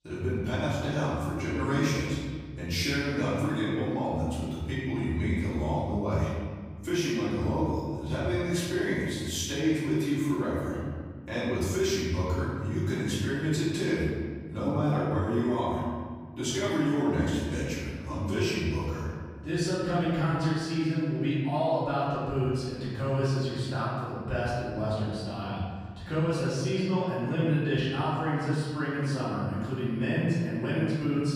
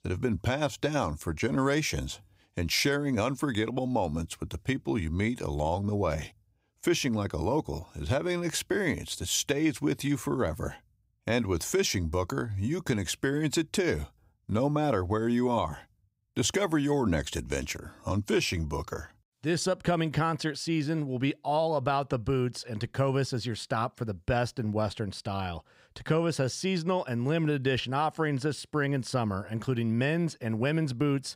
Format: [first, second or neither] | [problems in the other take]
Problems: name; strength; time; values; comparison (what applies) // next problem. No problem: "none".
second | off-mic speech; far // room echo; strong; dies away in 1.7 s